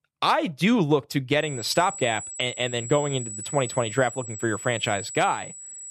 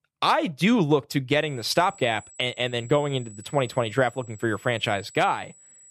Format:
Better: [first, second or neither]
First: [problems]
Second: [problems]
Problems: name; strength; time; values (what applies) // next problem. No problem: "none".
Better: second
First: high-pitched whine; loud; from 1.5 s on; 8 kHz, 10 dB below the speech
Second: high-pitched whine; faint; from 1.5 s on; 8 kHz, 20 dB below the speech